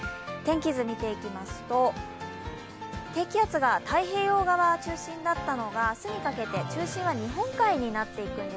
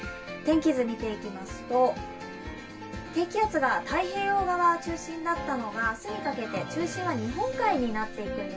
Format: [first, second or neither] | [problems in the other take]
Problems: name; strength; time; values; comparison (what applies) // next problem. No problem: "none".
first | room echo; dies away in 0.2 s